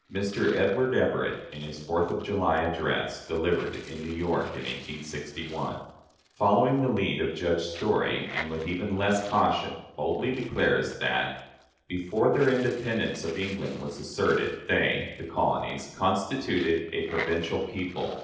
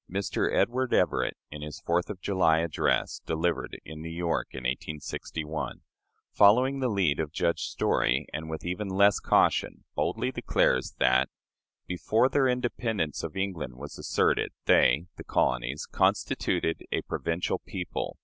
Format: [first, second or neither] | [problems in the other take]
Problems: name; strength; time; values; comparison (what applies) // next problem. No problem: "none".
second | noise reduction (neural separator model SepFormer DNS4)